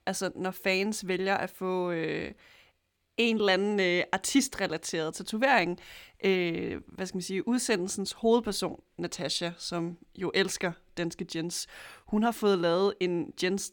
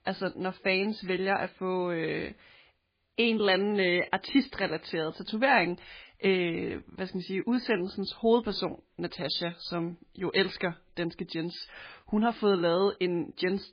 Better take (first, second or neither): first